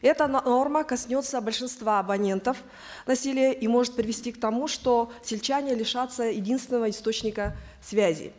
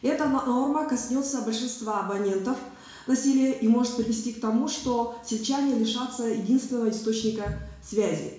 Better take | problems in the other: first | room echo; dies away in 0.7 s

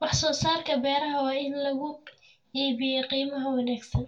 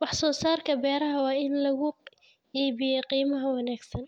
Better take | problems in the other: second | room echo; dies away in 0.2 s

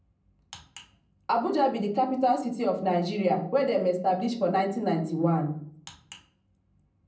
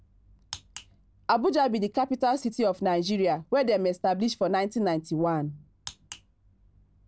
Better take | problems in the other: second | room echo; dies away in 0.6 s

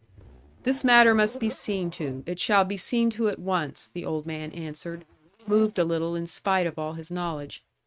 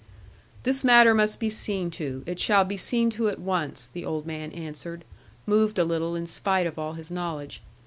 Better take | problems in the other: second | noise reduction (neural mask model RNNoise)

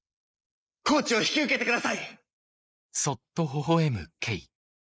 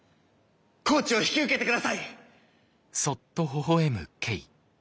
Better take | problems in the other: second | noise reduction (neural mask model Resemble Enhance denoiser)

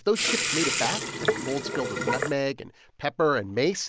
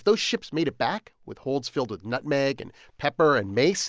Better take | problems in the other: second | background sound (Sink (filling or washing) / Water tap, faucet); as loud as the speech

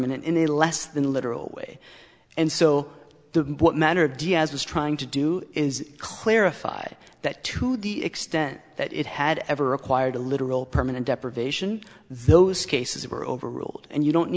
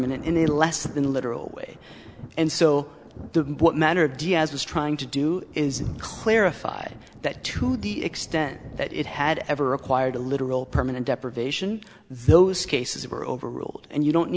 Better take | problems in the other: first | background sound (Thunder); 17 dB below the speech

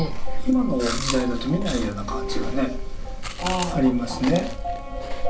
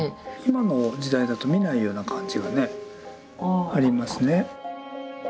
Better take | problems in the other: second | background sound (Chewing, mastication); 1 dB below the speech // room echo; dies away in 0.2 s

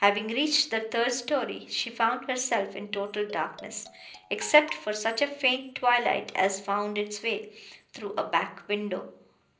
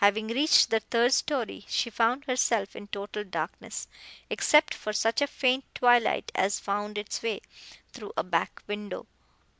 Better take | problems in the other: second | noise reduction (neural separator model SepFormer DNS4)

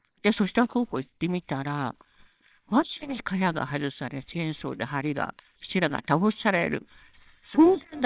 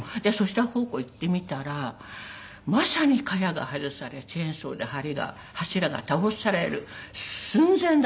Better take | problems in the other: second | noise reduction (neural separator model SepFormer WHAMR!)

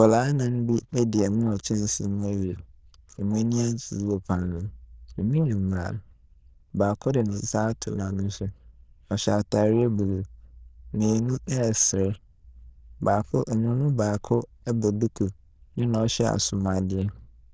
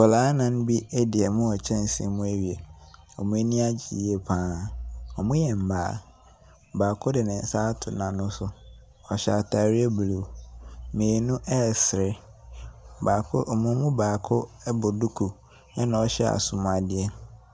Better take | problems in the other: second | noise reduction (neural diffusion model UNIVERSE++)

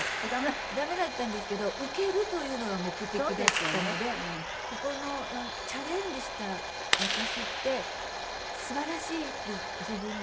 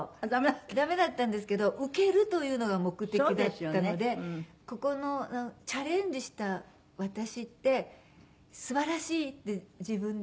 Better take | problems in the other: second | background sound (Clapping + Domestic sounds, home sounds); as loud as the speech

